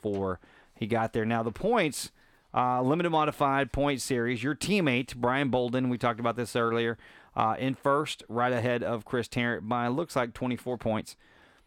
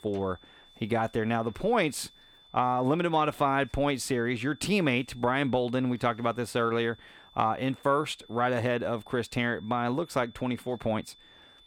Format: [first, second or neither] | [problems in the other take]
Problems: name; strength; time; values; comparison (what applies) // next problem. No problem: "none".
first | high-pitched whine; faint; throughout; 3.5 kHz, 25 dB below the speech